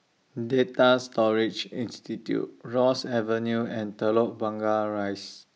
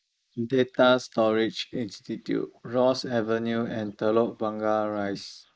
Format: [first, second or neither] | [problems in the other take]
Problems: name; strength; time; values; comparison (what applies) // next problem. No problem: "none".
first | noise reduction (neural mask model Resemble Enhance denoiser)